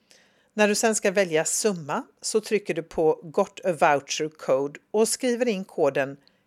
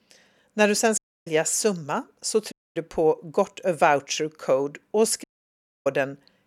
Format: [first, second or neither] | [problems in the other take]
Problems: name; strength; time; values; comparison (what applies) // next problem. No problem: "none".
first | audio cutting out; at 1 s, at 2.5 s and at 5 s for 0.5 s